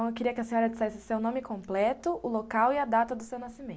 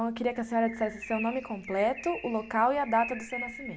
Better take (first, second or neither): first